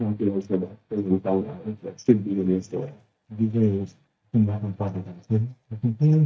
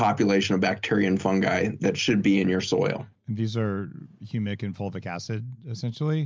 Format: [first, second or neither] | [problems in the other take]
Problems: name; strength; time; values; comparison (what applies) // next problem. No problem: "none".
second | noise reduction (neural mask model DeepFilterNet 3)